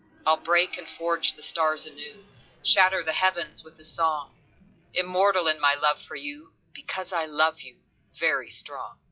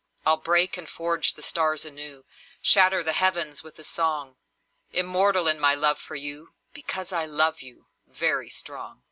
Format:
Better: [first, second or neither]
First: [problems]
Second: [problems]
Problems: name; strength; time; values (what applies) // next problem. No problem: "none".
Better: second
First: noise reduction (classical method log-MMSE)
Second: none